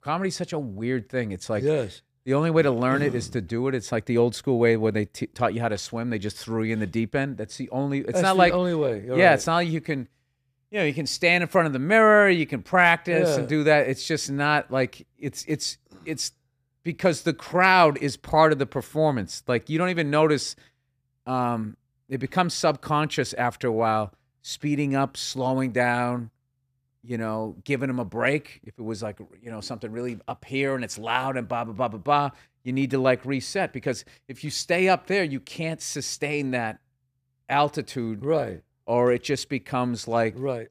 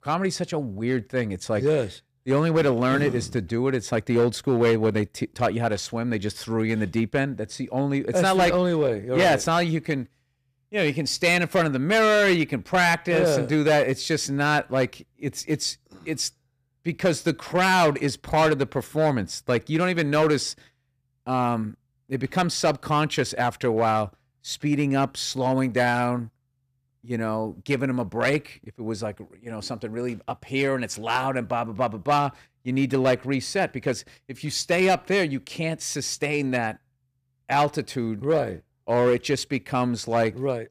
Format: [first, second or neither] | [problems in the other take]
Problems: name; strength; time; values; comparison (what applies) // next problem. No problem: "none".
first | distortion; slight; 4% of the sound clipped